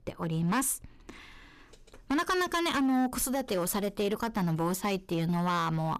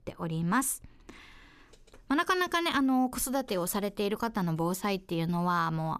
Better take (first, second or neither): second